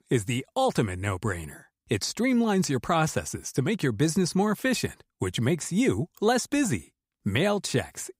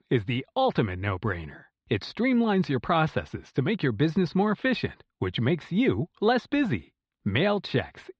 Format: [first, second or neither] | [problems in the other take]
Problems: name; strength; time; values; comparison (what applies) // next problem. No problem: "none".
first | muffled; slightly; fading above 4 kHz